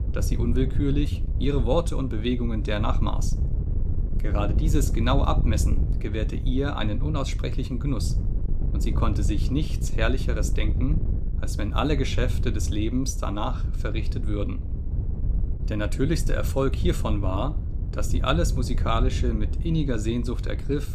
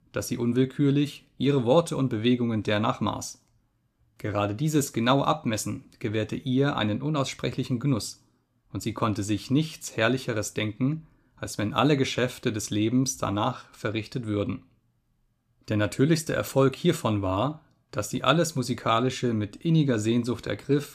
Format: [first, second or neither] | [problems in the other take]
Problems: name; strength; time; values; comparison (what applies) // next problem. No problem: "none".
second | wind noise on the microphone; occasional gusts; 10 dB below the speech